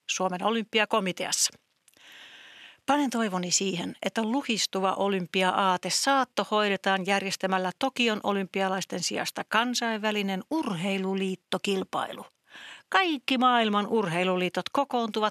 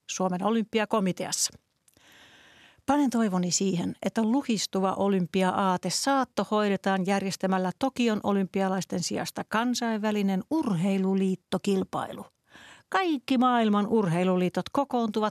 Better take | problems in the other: second | thin; very slightly; fading below 350 Hz

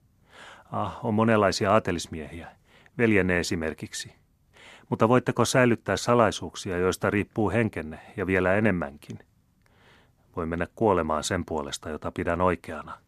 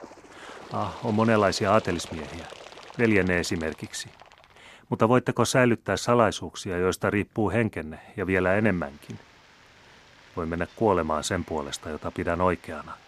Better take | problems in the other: first | animal sounds; faint; throughout; 20 dB below the speech

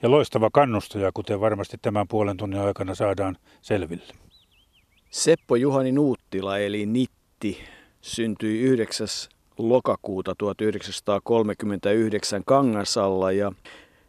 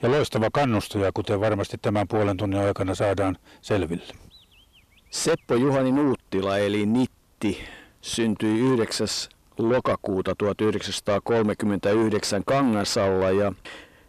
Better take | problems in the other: first | distortion; heavy; 7 dB below the speech

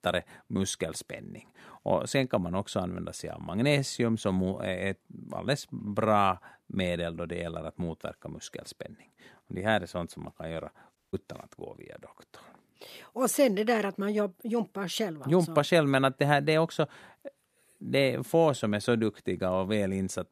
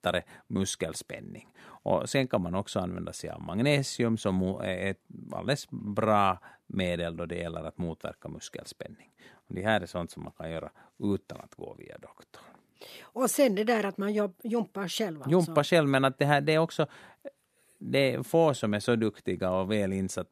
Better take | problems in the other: second | audio cutting out; at 11 s

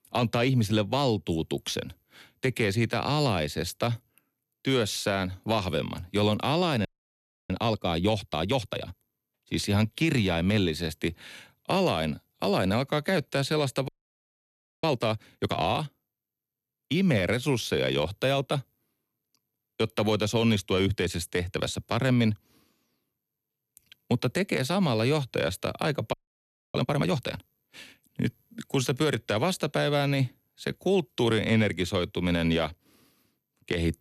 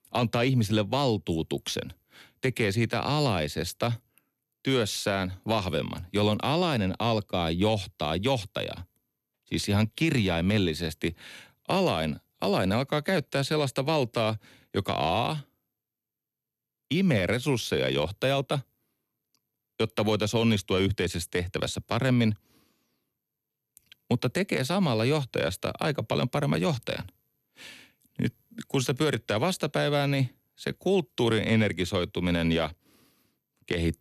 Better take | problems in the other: second | audio freezing; at 7 s for 0.5 s, at 14 s for 1 s and at 26 s for 0.5 s

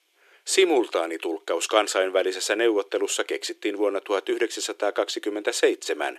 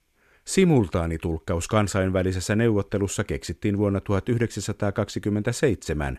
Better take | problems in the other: second | thin; very; fading below 350 Hz

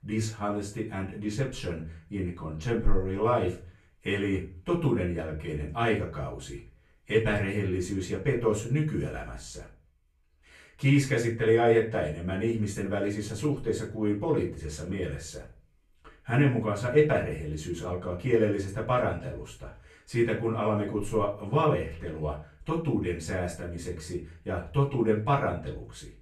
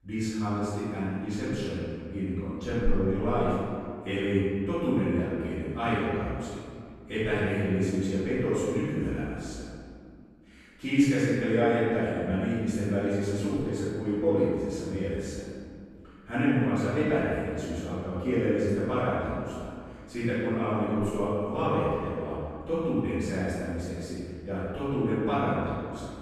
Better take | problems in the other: first | room echo; strong; dies away in 2 s; slight in the first // off-mic speech; far; far in the first

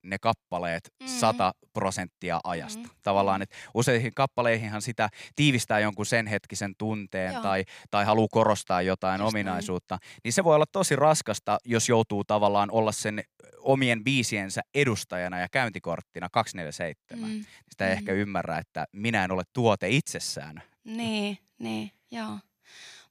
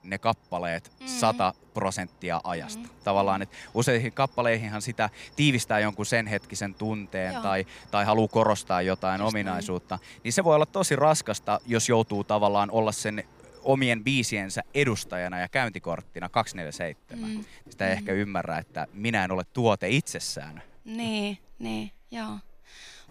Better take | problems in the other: first | animal sounds; faint; throughout; 30 dB below the speech

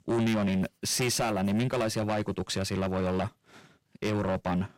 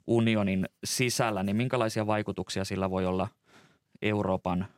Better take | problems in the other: second | distortion; heavy; 7 dB below the speech

